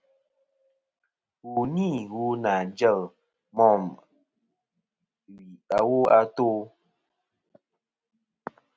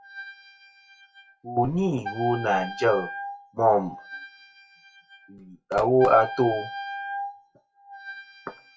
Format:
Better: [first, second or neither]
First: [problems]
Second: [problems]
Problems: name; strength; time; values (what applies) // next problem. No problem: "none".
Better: first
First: none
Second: noise reduction (classical method WPE with log-MMSE)